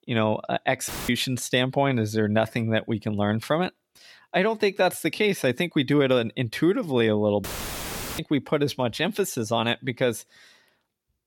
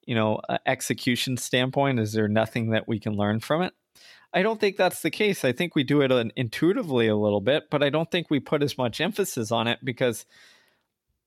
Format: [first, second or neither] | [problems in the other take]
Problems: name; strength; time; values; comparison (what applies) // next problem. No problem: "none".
second | audio cutting out; filled with static; at 1 s and at 7.5 s for 0.5 s